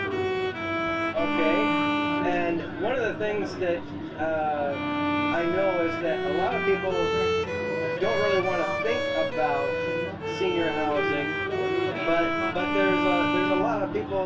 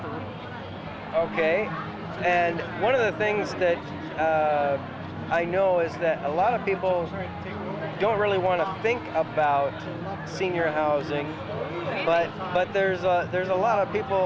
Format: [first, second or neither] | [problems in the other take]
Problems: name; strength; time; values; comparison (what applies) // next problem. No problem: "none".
second | background sound (Bowed string instrument); as loud as the speech // room echo; dies away in 0.2 s